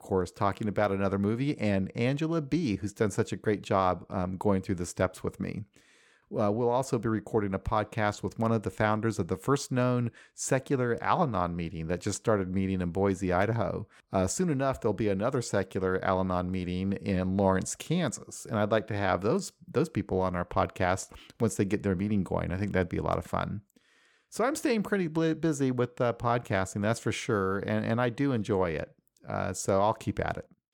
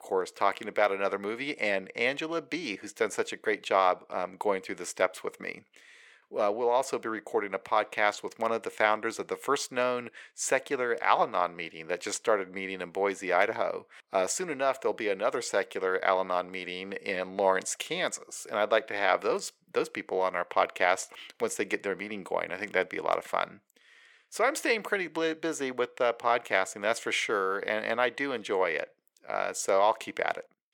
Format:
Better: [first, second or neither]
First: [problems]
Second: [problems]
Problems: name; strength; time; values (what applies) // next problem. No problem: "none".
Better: first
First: none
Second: thin; very; fading below 550 Hz